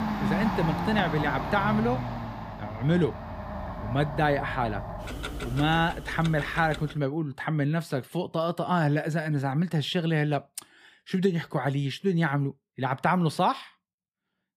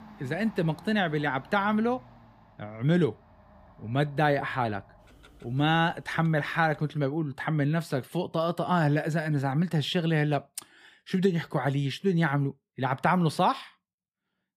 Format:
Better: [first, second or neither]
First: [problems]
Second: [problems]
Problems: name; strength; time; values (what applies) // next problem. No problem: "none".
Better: second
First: household noises; loud; until 7 s; 6 dB below the speech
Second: household noises; faint; until 7 s; 25 dB below the speech